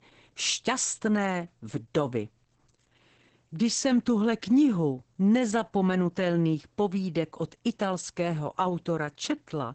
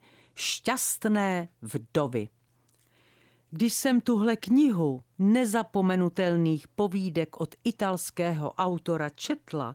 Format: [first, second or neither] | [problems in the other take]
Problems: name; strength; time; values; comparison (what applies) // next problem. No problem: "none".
second | garbled, watery; badly; nothing above 8 kHz; slightly in the second